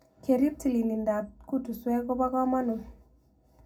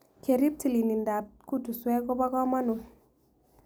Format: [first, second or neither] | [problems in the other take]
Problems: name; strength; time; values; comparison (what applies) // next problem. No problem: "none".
second | room echo; dies away in 0.4 s